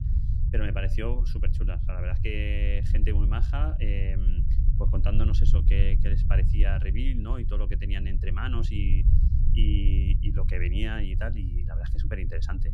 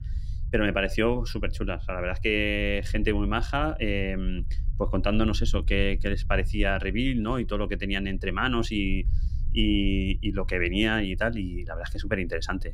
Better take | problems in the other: second | low rumble; loud; throughout; 6 dB below the speech; faint in the second

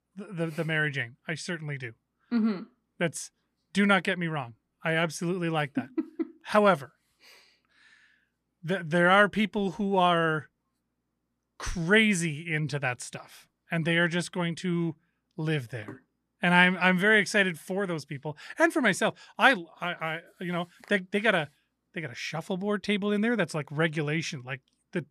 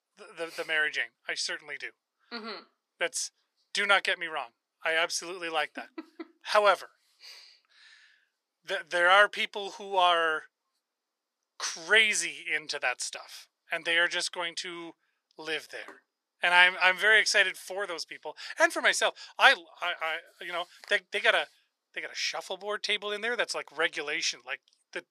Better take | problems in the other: first | thin; very; fading below 500 Hz

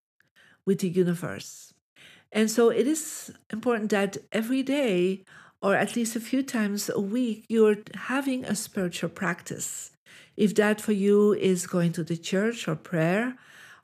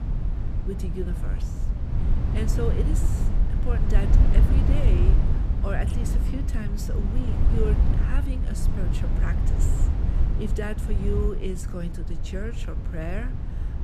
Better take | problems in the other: first | low rumble; loud; throughout; 2 dB below the speech

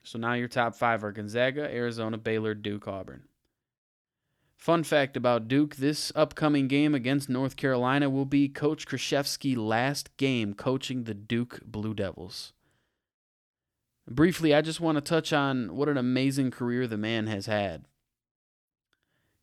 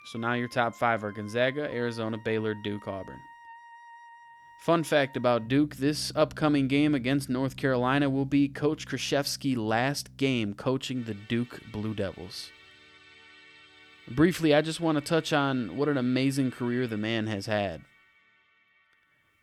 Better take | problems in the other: first | background music; faint; throughout; 20 dB below the speech

